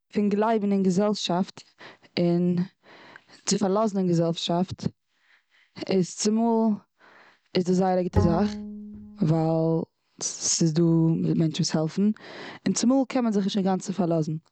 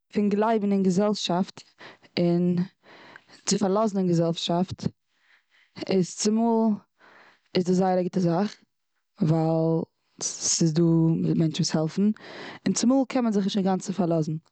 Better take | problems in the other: second | background sound (Bowed string instrument); 5 dB below the speech

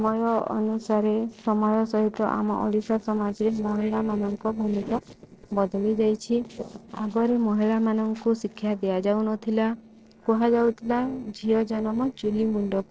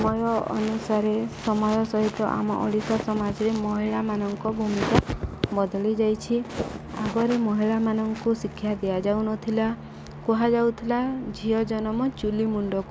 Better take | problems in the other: second | noise reduction (neural separator model SepFormer DNS4)

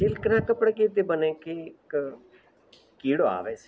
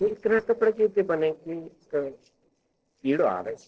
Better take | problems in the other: first | noise reduction (neural separator model SepFormer DNS4)

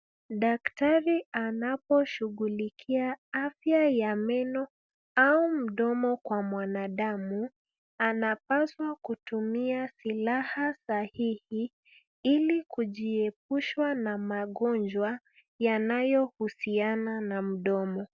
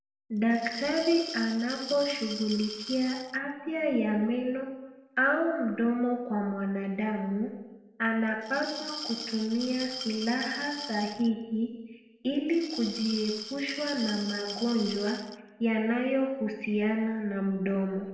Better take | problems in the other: first | background sound (Glass); 10 dB below the speech // room echo; dies away in 1 s

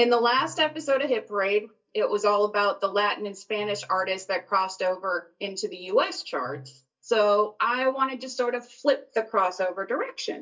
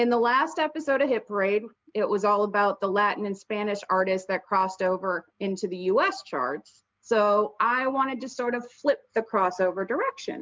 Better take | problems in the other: second | noise reduction (neural mask model DeepFilterNet 3)

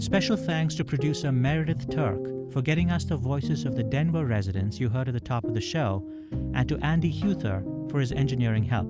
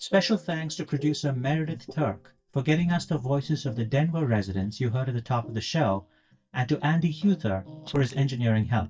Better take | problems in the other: first | noise reduction (neural mask model DeepFilterNet 3)

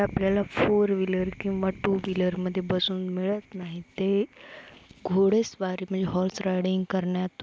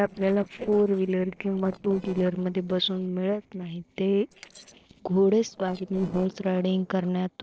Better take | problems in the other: first | noise reduction (neural separator model SepFormer DNS4)

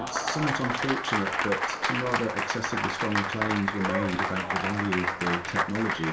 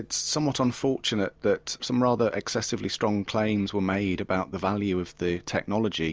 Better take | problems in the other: second | background sound (Applause); 1 dB above the speech // room echo; dies away in 0.4 s

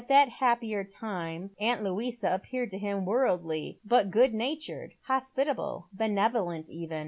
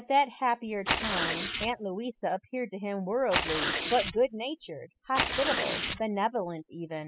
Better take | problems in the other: first | noise reduction (classical method spectral subtraction)

